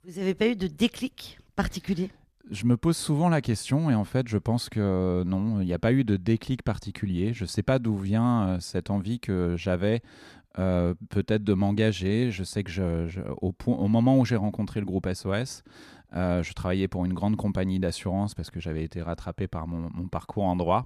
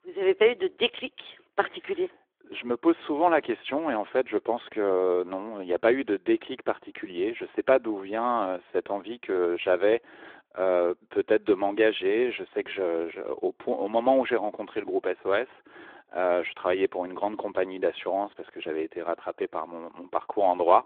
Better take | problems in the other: first | phone-call audio; nothing above 3.5 kHz

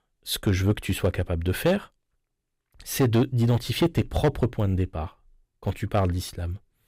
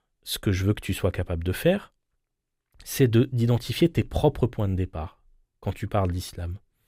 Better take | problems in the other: second | distortion; slight; 3% of the sound clipped

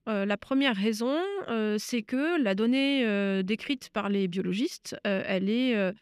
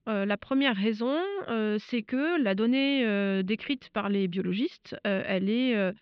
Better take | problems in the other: first | muffled; slightly; fading above 4 kHz

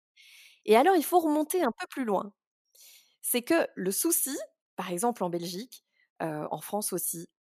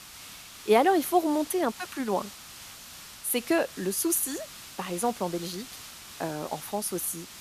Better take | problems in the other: first | hiss; noticeable; throughout; 15 dB below the speech

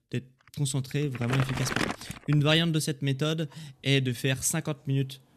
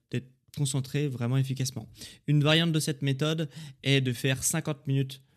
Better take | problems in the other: second | household noises; loud; throughout; 6 dB below the speech

